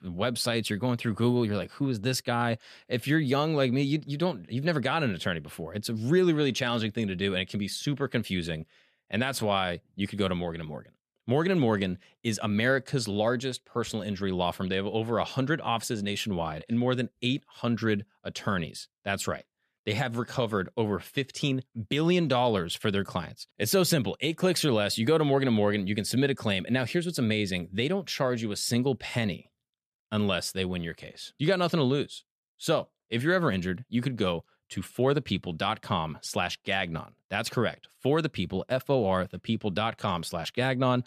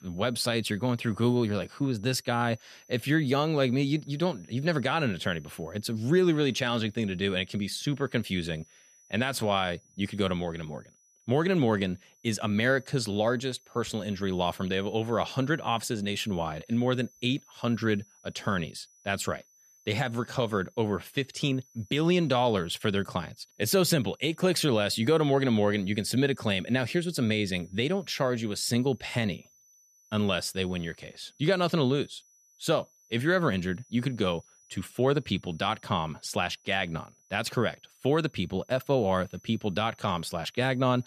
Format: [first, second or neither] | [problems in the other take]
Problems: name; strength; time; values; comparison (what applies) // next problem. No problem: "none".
first | high-pitched whine; faint; throughout; 6 kHz, 30 dB below the speech